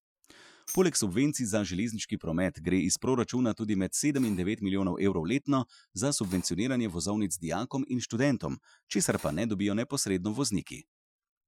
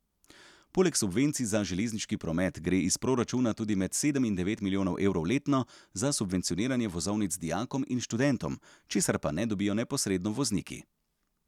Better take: second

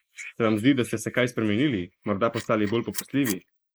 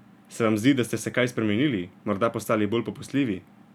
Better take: second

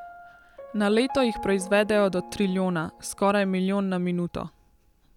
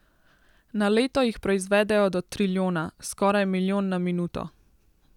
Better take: second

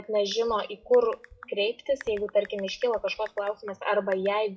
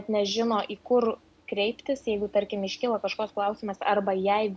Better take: second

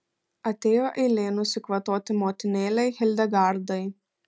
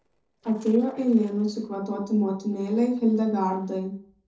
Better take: first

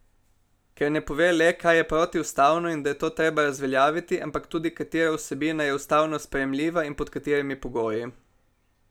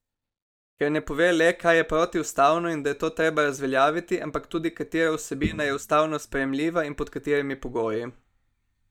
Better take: first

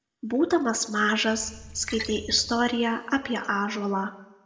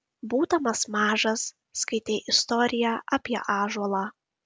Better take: second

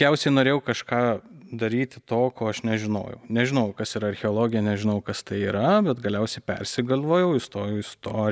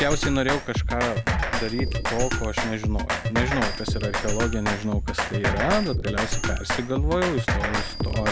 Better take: first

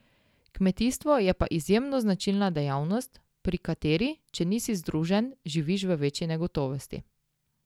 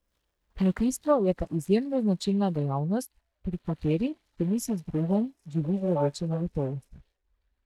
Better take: first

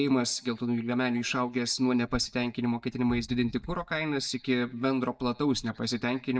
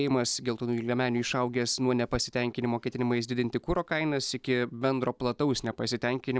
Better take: second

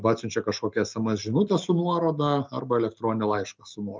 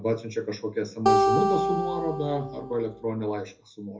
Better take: first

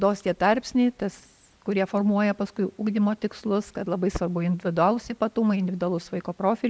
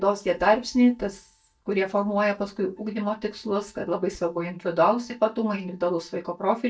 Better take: first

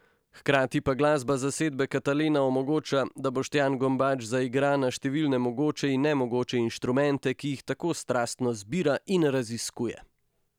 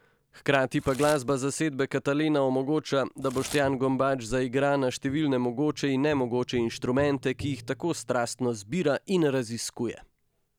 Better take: first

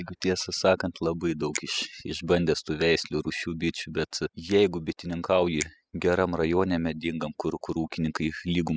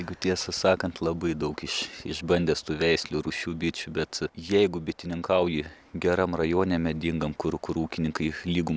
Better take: second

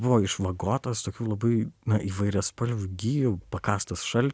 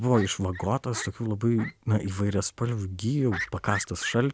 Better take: first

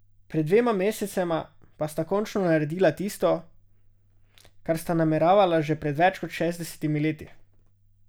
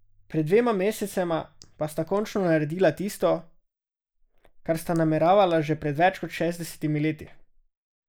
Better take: first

